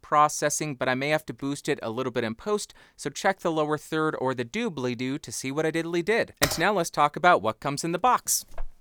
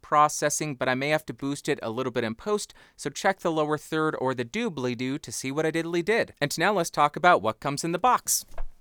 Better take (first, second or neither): second